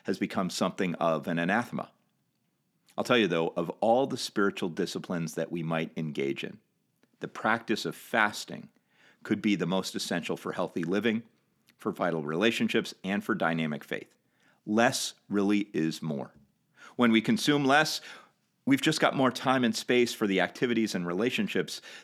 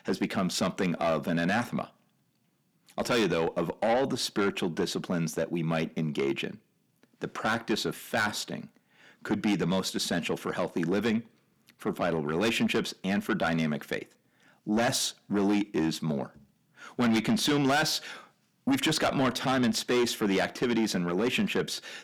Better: first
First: none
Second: distortion; heavy; 7 dB below the speech

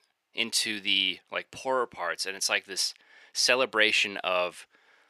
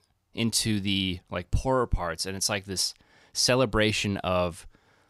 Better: second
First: thin; somewhat; fading below 450 Hz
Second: none

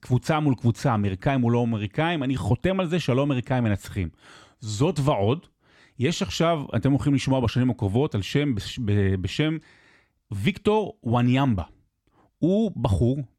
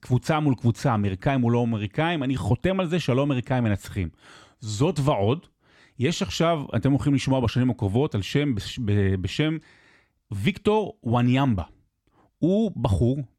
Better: neither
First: none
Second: none

